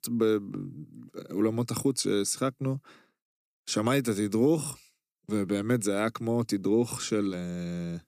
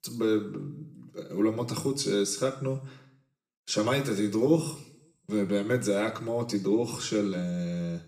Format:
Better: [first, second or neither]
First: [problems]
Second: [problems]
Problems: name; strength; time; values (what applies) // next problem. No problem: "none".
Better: first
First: none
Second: room echo; slight; dies away in 0.6 s // off-mic speech; somewhat distant